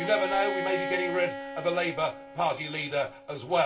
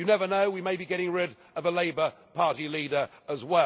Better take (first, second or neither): second